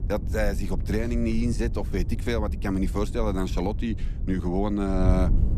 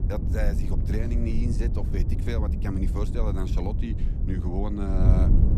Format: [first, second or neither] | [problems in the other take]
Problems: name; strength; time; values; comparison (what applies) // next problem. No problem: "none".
first | wind noise on the microphone; heavy; 4 dB below the speech; occasional gusts in the first